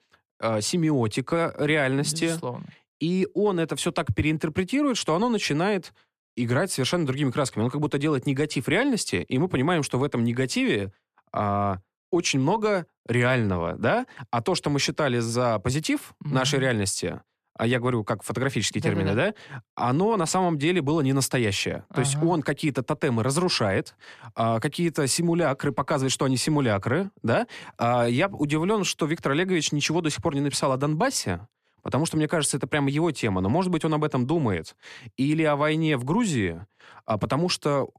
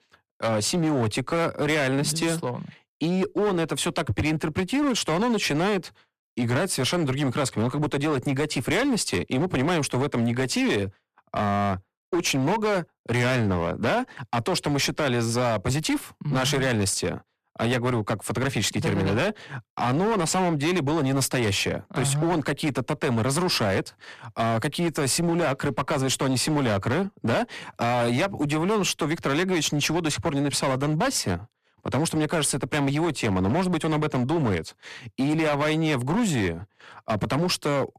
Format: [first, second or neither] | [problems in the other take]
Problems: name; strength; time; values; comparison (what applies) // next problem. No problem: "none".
first | distortion; slight; 19% of the sound clipped